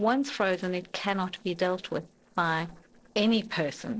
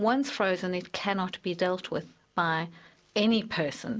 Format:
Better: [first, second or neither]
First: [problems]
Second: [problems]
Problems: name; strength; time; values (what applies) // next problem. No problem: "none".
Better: second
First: noise reduction (neural separator model SepFormer DNS4)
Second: none